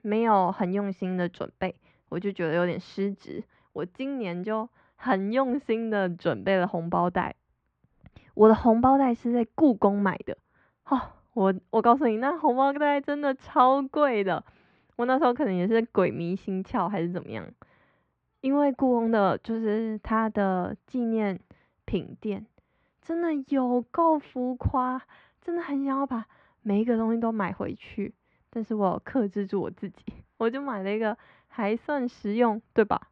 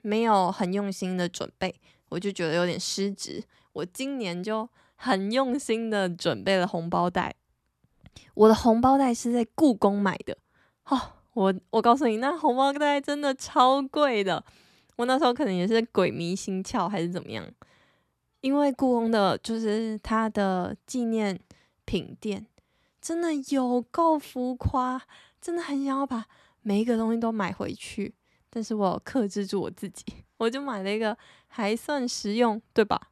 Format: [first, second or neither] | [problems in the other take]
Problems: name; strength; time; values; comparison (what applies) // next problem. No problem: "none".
second | muffled; very; fading above 2.5 kHz